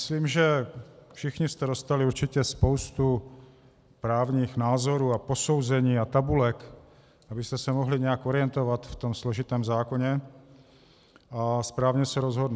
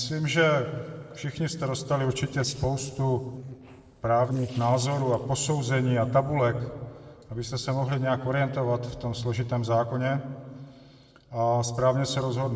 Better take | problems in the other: first | noise reduction (neural separator model SepFormer DNS4)

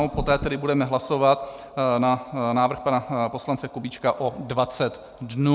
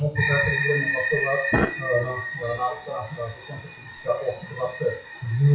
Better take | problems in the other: first | noise reduction (classical method WPE with log-MMSE)

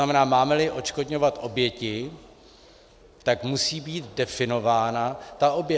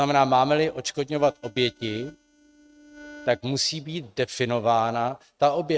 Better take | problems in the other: first | noise reduction (neural mask model RNNoise)

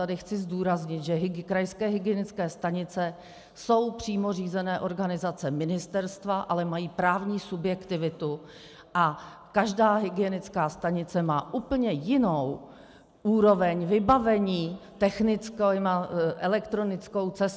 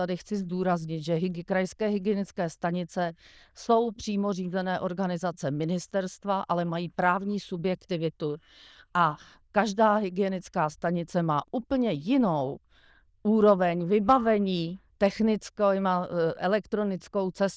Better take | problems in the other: first | noise reduction (neural diffusion model UNIVERSE++)

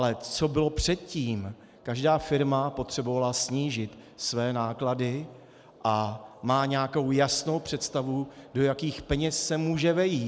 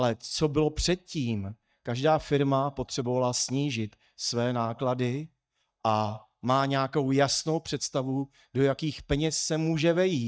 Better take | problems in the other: first | noise reduction (neural mask model DeepFilterNet 3)

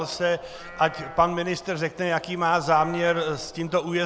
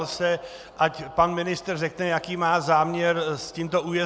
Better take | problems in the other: second | background sound (Livestock, farm animals, working animals); 19 dB below the speech

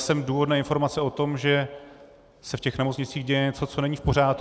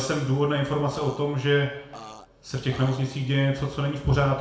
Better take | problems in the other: first | background sound (Burping, eructation); 16 dB below the speech // room echo; dies away in 0.7 s

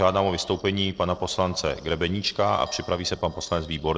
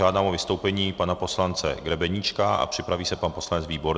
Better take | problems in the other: second | noise reduction (neural separator model SepFormer DNS4)

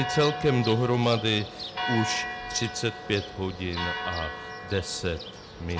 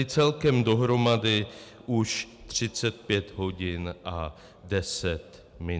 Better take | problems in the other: second | background sound (Church bell); 7 dB below the speech

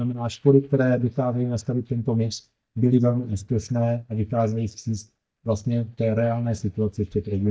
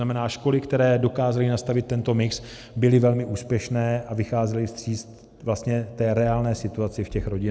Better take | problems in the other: second | noise reduction (neural mask model DeepFilterNet 3)

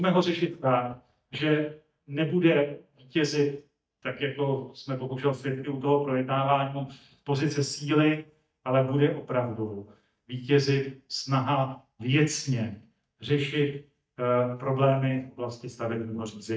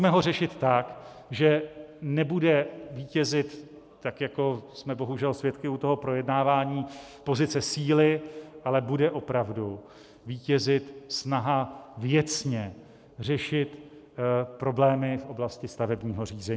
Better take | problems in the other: second | noise reduction (neural mask model DeepFilterNet 3)

